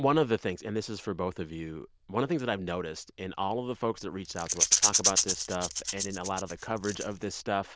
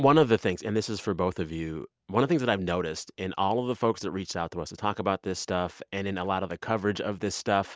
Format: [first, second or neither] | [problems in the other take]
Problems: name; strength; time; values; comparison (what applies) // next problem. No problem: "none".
second | noise reduction (neural diffusion model UNIVERSE++)